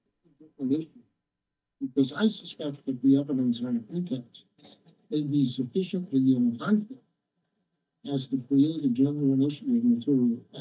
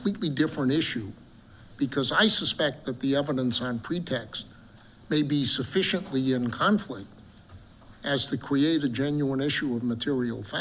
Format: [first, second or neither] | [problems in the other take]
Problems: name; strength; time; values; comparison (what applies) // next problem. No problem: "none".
second | noise reduction (neural mask model DeepFilterNet 3)